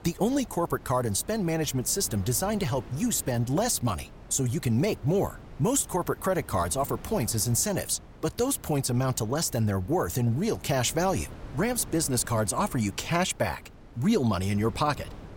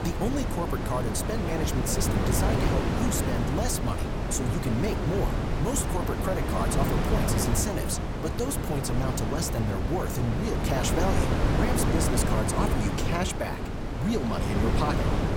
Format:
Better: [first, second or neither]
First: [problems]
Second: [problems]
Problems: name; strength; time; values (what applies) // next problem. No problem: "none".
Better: first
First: wind noise on the microphone; occasional gusts; 20 dB below the speech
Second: wind noise on the microphone; heavy; 1 dB above the speech